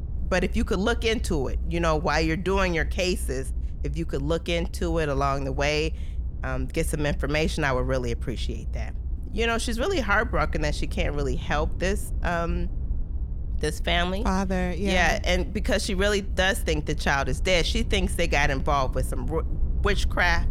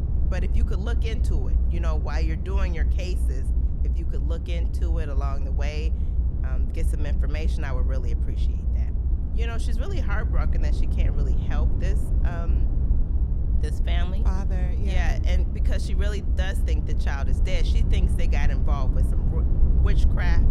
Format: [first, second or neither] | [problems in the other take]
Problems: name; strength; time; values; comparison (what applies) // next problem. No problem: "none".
first | low rumble; loud; throughout; 5 dB below the speech; faint in the first